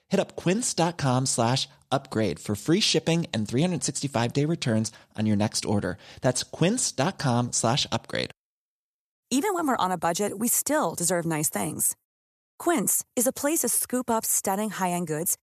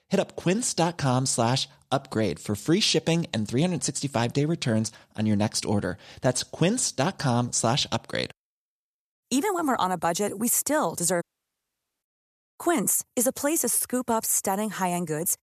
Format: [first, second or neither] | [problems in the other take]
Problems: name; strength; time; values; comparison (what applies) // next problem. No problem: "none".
first | audio cutting out; at 11 s for 1 s